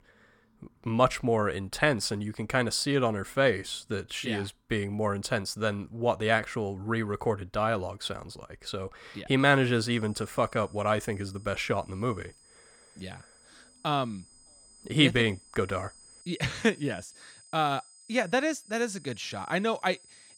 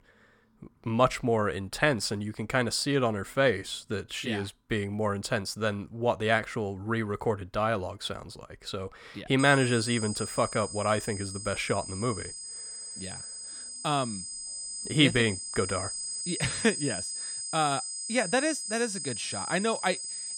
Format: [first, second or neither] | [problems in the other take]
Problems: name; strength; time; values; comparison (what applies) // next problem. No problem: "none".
first | high-pitched whine; loud; from 9.5 s on; 8 kHz, 6 dB below the speech; faint in the first